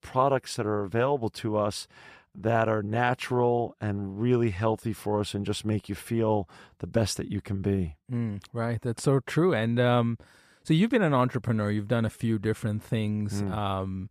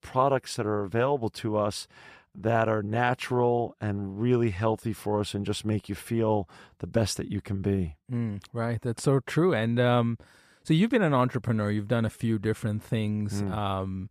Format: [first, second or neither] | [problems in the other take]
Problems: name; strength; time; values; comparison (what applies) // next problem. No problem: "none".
neither | none